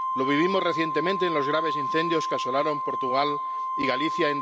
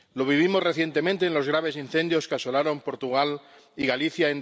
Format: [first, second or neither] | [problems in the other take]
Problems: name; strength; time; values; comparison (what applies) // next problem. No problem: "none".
second | background sound (Organ); 1 dB below the speech